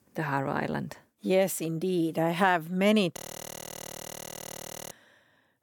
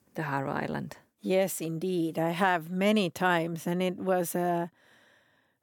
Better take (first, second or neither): second